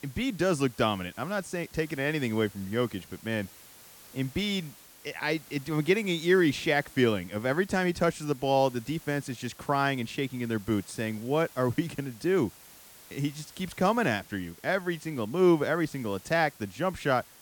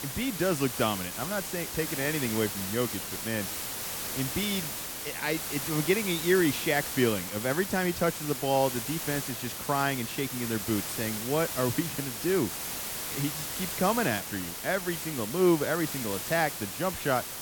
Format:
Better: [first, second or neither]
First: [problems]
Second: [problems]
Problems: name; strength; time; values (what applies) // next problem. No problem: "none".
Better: first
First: hiss; faint; throughout; 20 dB below the speech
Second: hiss; loud; throughout; 4 dB below the speech